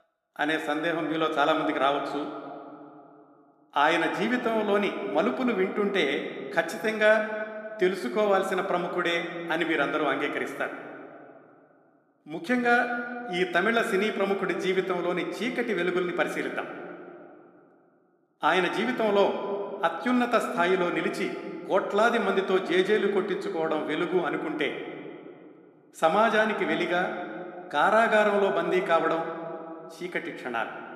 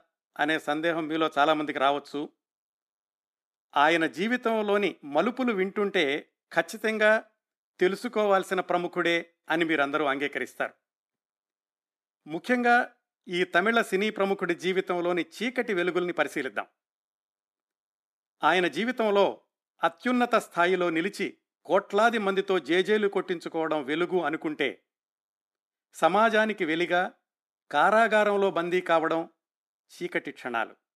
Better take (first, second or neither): second